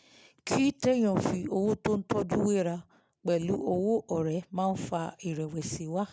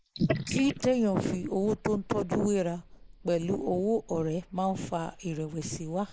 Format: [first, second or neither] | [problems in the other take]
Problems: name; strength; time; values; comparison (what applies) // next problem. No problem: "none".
first | noise reduction (neural mask model Resemble Enhance denoiser)